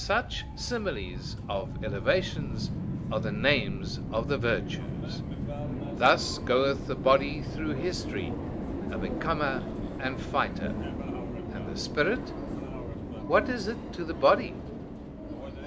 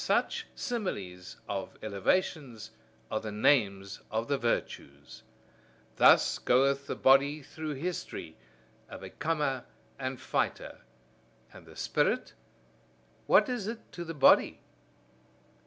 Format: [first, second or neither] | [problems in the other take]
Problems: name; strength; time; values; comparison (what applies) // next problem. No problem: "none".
second | background sound (Subway, metro, underground); 4 dB below the speech